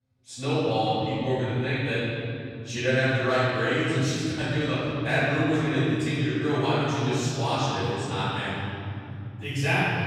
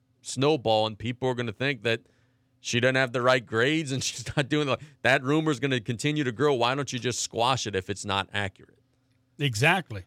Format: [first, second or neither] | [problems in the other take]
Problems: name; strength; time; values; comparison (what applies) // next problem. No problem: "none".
second | off-mic speech; far // room echo; strong; dies away in 3 s